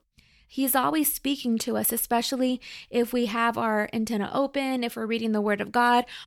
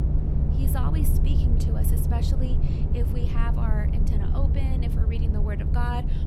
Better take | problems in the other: first | low rumble; loud; throughout; 1 dB below the speech

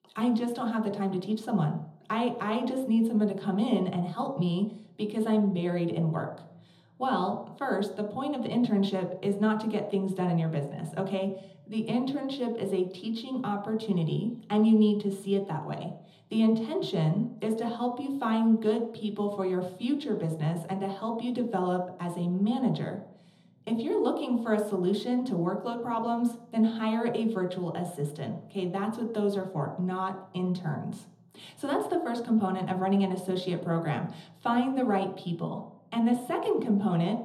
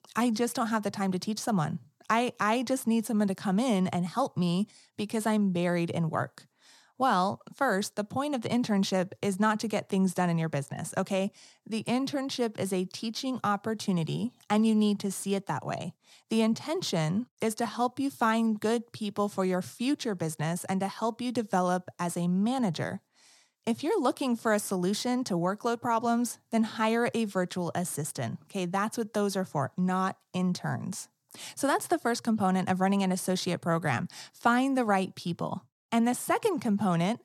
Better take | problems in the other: second | room echo; slight; dies away in 0.8 s

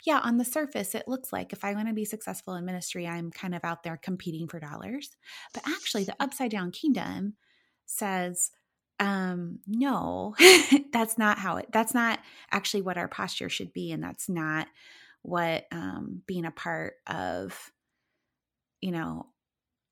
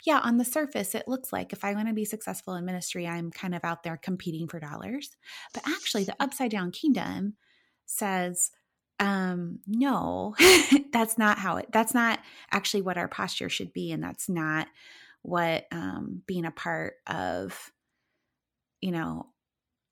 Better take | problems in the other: first | distortion; slight; 0.4% of the sound clipped

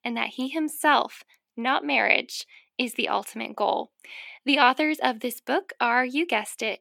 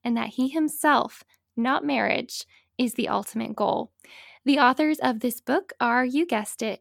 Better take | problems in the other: second | thin; very slightly; fading below 350 Hz

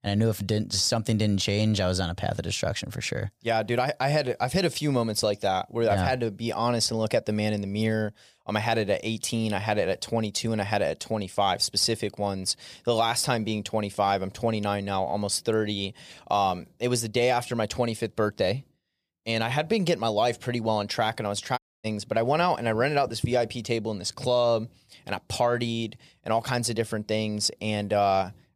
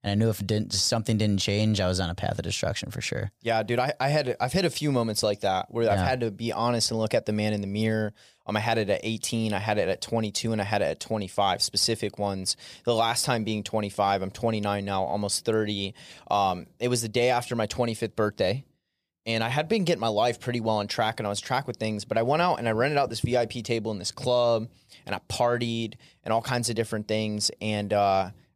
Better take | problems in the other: second | audio cutting out; at 22 s

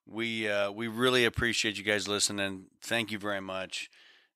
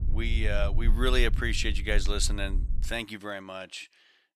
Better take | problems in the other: first | low rumble; noticeable; until 3 s; 20 dB below the speech

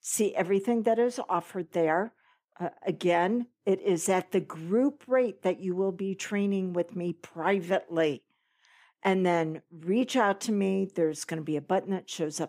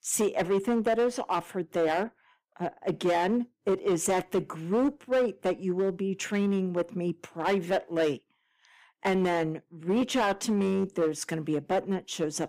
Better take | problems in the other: first | distortion; slight; 8% of the sound clipped

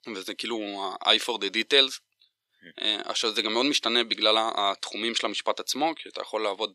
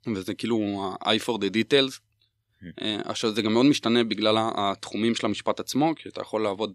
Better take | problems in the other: second | thin; somewhat; fading below 450 Hz

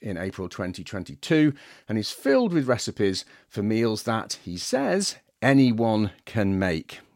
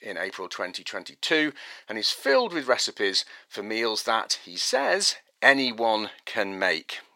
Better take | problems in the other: first | thin; very; fading below 550 Hz

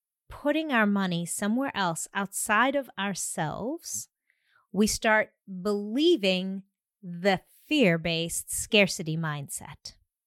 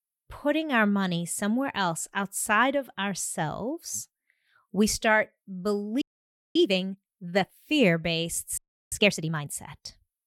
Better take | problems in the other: first | audio freezing; at 6 s for 0.5 s and at 8.5 s

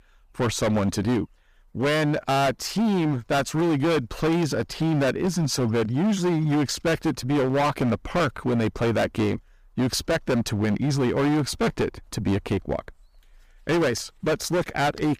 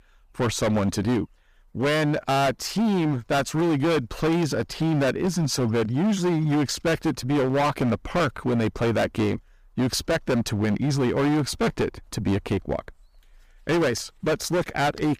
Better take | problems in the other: neither | distortion; heavy; 20% of the sound clipped; the same in both

